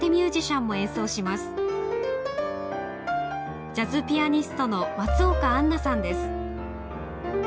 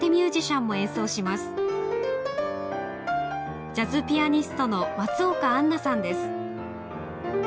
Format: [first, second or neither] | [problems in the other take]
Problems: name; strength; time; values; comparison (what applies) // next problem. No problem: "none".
second | background sound (Bowed string instrument); 8 dB below the speech